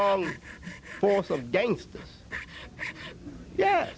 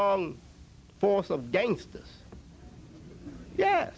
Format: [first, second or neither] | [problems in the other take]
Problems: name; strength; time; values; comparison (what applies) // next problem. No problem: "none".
second | background sound (Sawing); 14 dB below the speech